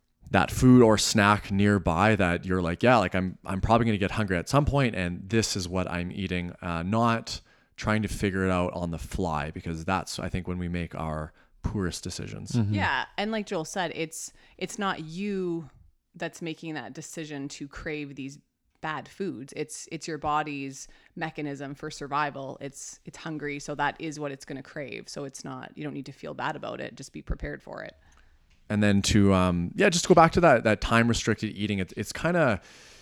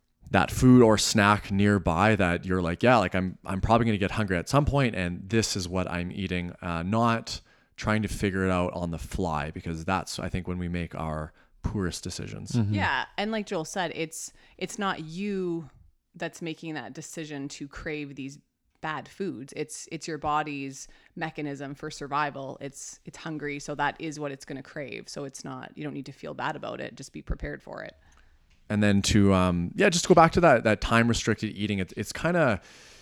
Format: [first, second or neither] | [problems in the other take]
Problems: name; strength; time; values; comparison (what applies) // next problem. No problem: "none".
neither | none